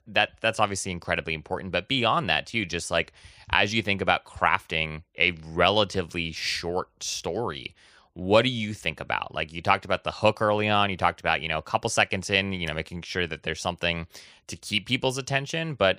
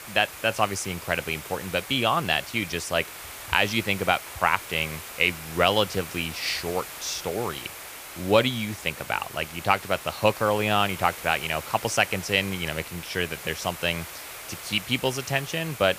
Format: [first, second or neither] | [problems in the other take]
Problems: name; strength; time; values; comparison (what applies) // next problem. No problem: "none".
first | hiss; noticeable; throughout; 10 dB below the speech